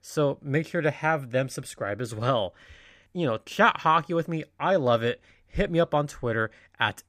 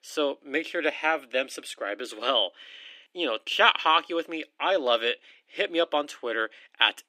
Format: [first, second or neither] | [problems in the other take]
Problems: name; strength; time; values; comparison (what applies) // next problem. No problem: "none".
first | thin; somewhat; fading below 300 Hz